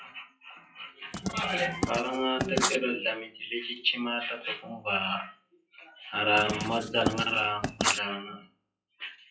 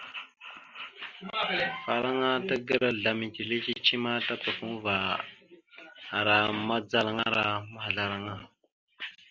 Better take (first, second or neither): second